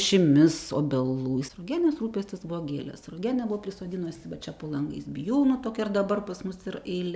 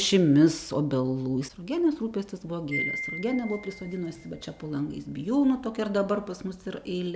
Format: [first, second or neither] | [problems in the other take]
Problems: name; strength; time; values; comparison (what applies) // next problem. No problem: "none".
first | background sound (Wind chime); 15 dB below the speech